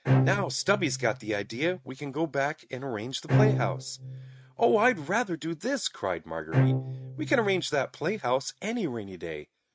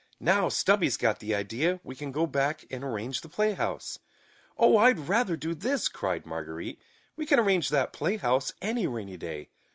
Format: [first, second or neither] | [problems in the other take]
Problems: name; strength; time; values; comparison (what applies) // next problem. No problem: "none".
second | noise reduction (neural mask model RNNoise)